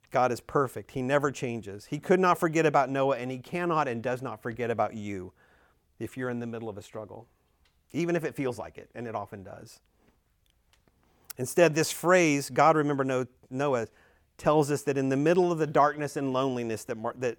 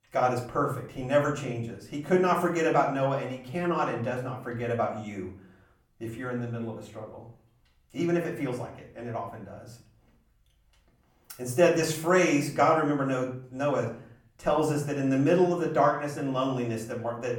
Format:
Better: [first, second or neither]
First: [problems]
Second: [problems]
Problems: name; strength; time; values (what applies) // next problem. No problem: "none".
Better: first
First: none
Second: off-mic speech; far // room echo; slight; dies away in 0.5 s